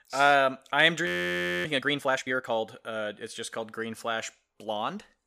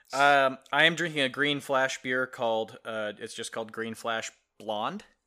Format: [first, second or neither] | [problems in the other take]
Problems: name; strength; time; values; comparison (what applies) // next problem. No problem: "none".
second | audio freezing; at 1 s for 0.5 s